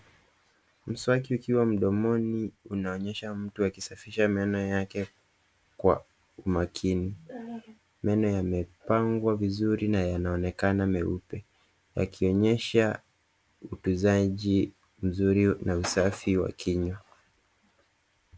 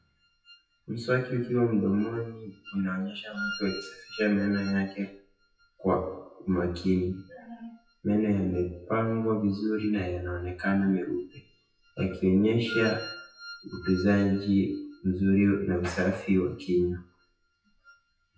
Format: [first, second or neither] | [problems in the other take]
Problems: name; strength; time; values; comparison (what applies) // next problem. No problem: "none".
first | noise reduction (classical method WPE with log-MMSE)